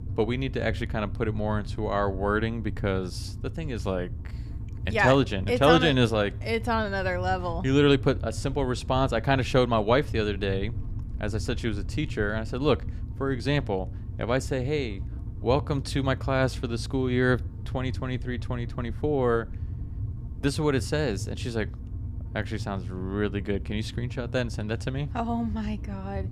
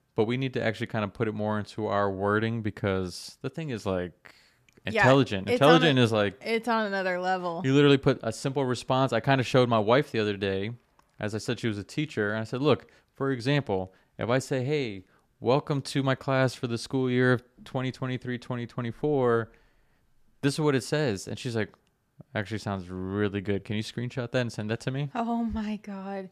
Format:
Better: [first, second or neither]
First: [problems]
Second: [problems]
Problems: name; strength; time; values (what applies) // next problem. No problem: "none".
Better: second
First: low rumble; faint; throughout; 20 dB below the speech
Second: none